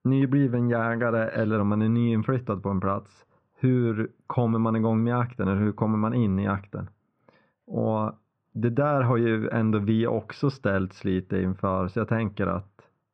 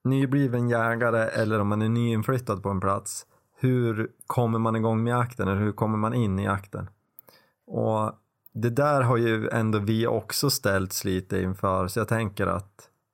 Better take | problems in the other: second | muffled; very; fading above 3 kHz

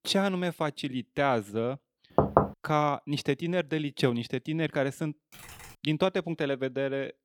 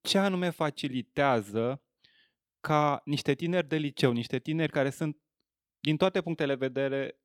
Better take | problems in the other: second | door banging; loud; at 2 s; peak 5 dB above the speech // keyboard typing; faint; at 5.5 s; peak 15 dB below the speech

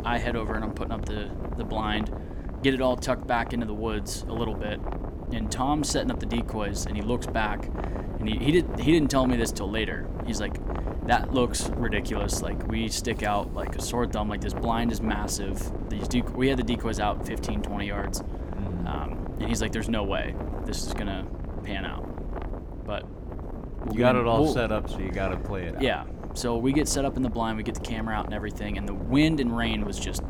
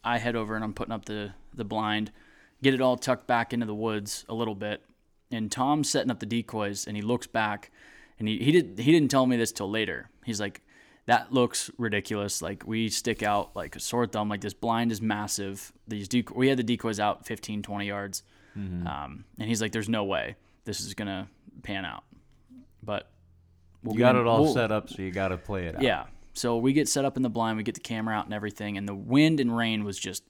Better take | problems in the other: second | wind noise on the microphone; heavy; 10 dB below the speech

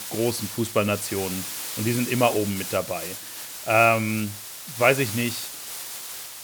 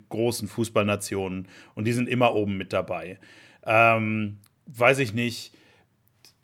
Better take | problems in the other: second | hiss; loud; throughout; 8 dB below the speech

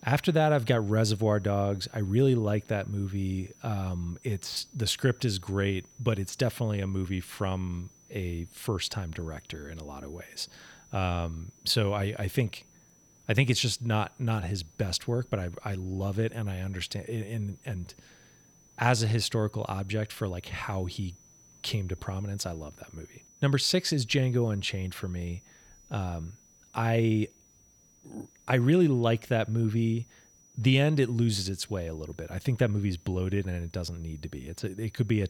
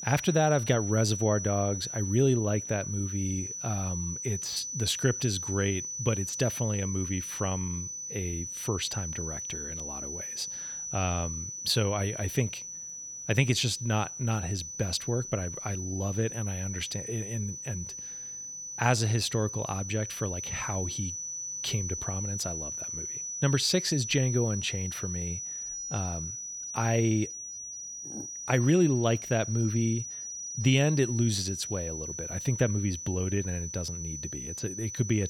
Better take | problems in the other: first | high-pitched whine; loud; throughout; 6 kHz, 5 dB below the speech; faint in the first

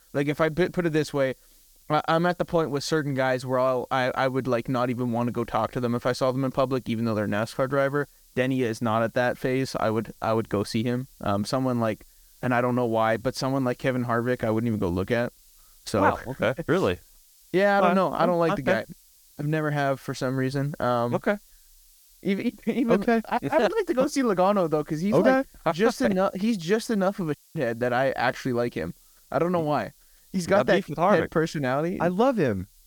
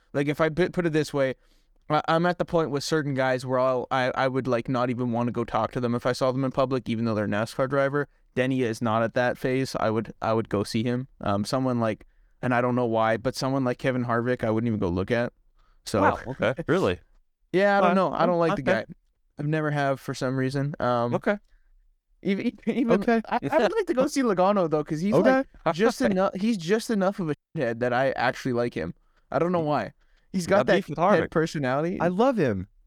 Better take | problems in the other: second | hiss; faint; throughout; 30 dB below the speech

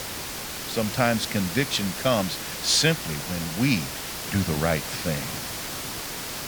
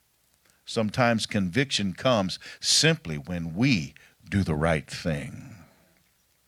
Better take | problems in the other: second | hiss; loud; throughout; 6 dB below the speech

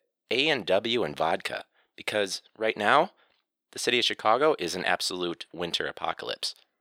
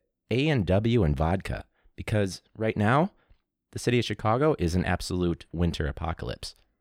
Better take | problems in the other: second | thin; very; fading below 500 Hz

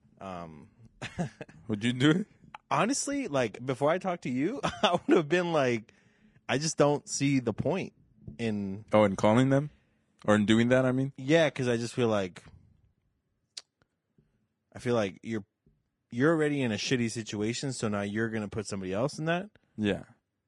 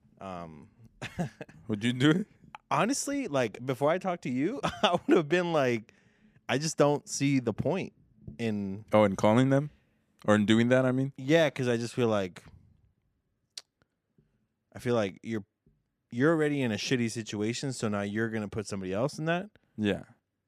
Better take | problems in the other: second | garbled, watery; slightly; nothing above 10 kHz

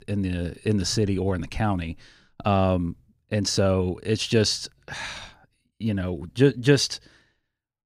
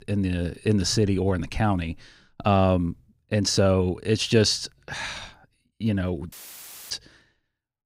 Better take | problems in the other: first | audio cutting out; filled with static; at 6.5 s for 0.5 s

